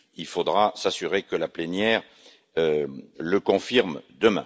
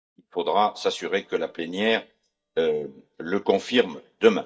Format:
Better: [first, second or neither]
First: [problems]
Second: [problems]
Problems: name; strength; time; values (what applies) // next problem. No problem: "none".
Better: first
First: none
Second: noise reduction (neural mask model DeepFilterNet 3)